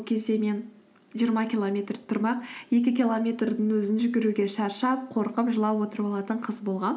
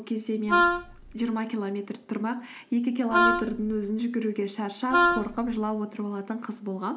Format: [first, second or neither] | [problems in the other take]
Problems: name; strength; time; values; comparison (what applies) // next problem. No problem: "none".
first | background sound (Wind instrument, woodwind instrument); 4 dB above the speech